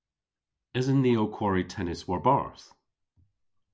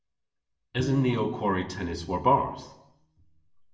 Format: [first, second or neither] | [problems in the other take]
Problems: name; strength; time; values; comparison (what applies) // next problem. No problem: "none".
first | background sound (Bowed string instrument); 15 dB below the speech // room echo; dies away in 0.7 s